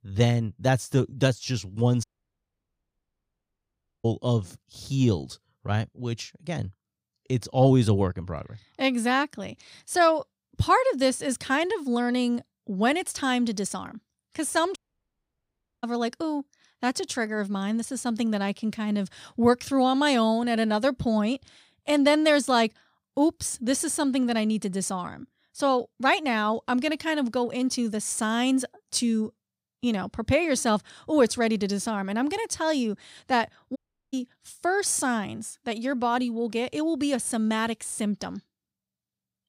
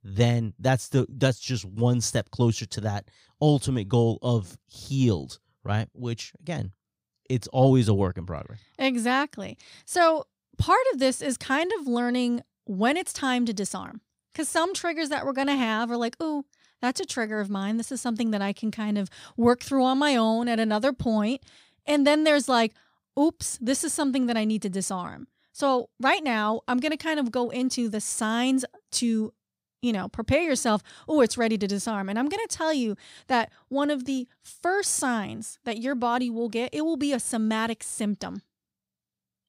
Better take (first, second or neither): second